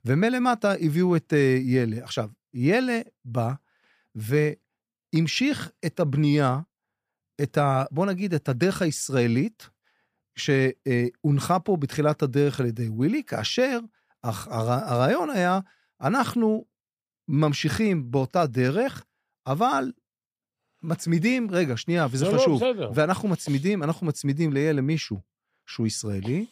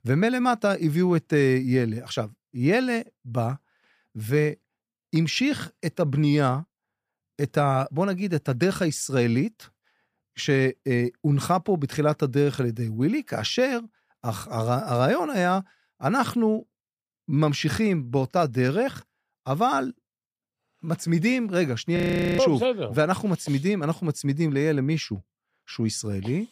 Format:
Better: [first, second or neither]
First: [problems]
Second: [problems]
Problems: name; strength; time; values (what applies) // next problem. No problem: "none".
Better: first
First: none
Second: audio freezing; at 22 s